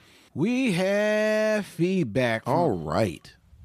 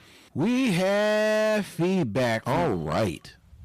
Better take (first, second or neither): first